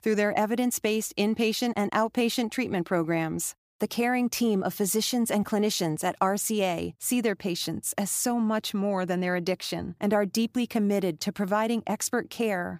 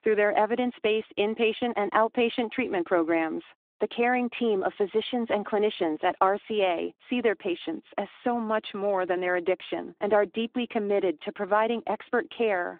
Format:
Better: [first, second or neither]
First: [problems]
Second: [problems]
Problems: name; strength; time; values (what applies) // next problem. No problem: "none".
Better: first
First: none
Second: phone-call audio